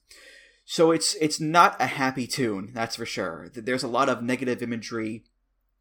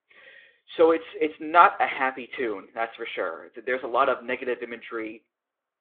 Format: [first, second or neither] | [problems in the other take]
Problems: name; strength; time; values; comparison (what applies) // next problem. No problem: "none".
first | phone-call audio; nothing above 3.5 kHz